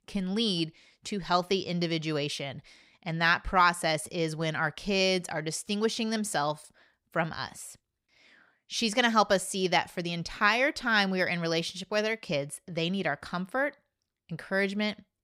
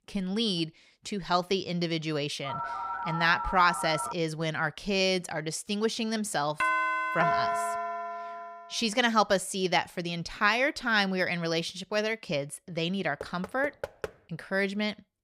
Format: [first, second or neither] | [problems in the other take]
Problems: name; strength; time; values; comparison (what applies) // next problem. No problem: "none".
first | phone ringing; noticeable; from 2.5 to 4 s; peak 4 dB below the speech // doorbell; loud; from 6.5 to 8.5 s; peak 2 dB above the speech // door banging; faint; at 13 s; peak 10 dB below the speech